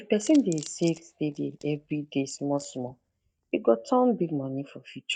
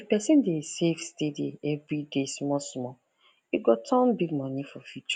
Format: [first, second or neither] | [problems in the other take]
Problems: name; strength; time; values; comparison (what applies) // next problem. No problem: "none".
second | noise reduction (neural mask model DeepFilterNet 3)